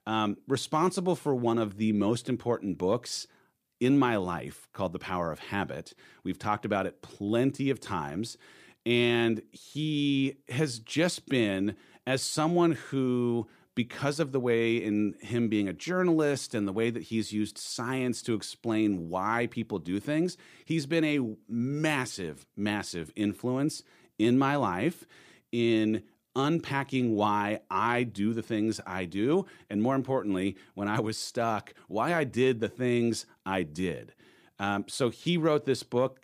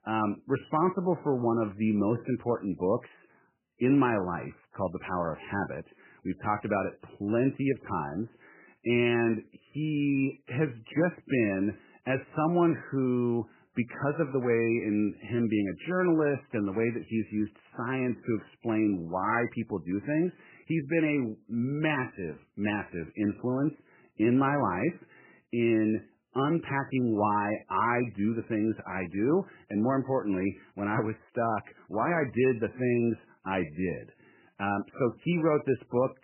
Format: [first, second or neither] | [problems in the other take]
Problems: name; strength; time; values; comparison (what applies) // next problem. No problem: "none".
first | garbled, watery; badly; nothing above 3 kHz